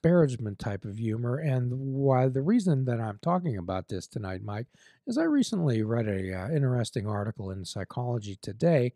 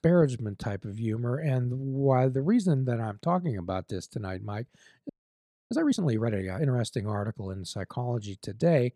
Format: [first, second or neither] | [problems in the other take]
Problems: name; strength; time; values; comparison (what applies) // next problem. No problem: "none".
first | audio freezing; at 5 s for 0.5 s